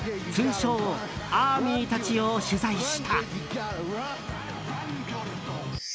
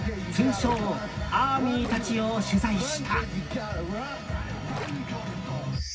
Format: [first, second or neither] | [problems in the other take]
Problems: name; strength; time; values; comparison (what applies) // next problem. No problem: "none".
first | background sound (Gurgling); 15 dB below the speech // room echo; dies away in 0.4 s